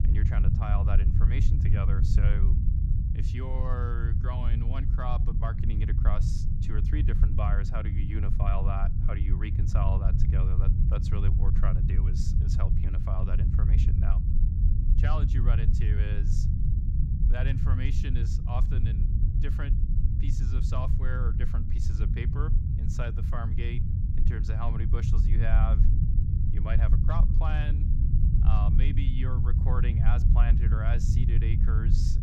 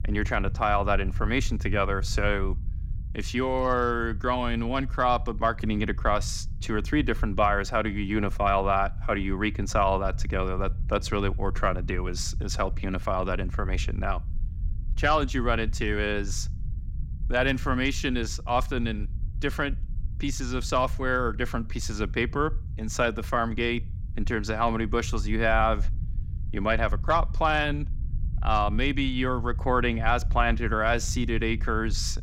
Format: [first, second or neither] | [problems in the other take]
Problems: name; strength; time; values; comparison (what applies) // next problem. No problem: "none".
second | low rumble; loud; throughout; 2 dB below the speech; faint in the second